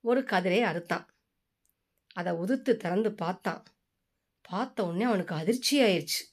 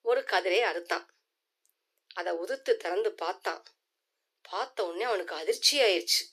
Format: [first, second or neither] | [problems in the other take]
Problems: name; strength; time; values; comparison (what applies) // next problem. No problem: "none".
first | thin; very; fading below 350 Hz